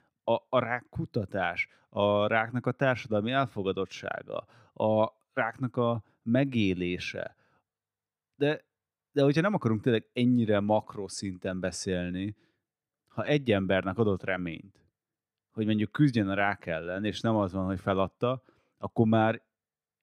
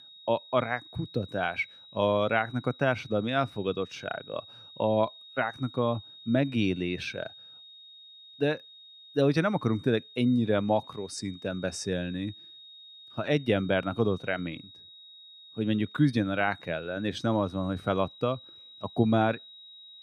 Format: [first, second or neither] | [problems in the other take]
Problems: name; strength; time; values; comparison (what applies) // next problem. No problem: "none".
first | high-pitched whine; noticeable; throughout; 3.5 kHz, 20 dB below the speech